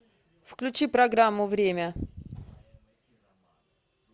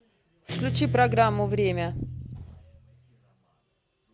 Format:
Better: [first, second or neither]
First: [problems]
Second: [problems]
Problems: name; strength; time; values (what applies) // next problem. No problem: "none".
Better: first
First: none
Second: background sound (Guitar); 3 dB below the speech